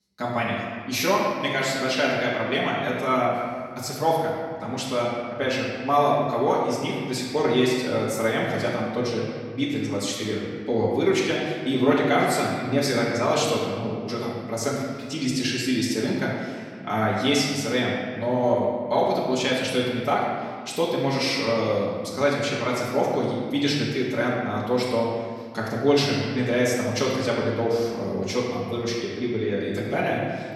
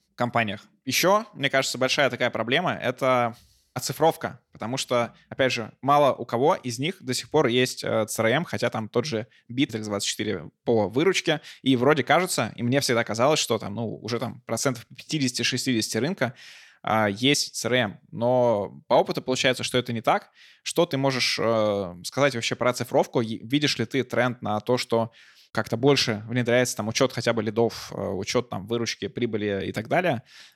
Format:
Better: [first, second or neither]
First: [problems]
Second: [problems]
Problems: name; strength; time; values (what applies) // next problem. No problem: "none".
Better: second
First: off-mic speech; far // room echo; noticeable; dies away in 1.7 s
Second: none